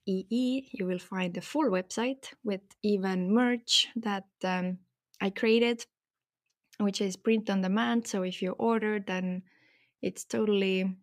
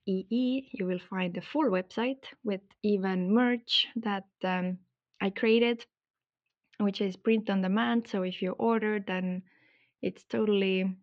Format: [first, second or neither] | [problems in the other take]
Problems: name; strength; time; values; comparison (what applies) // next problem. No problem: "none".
first | muffled; very slightly; fading above 4 kHz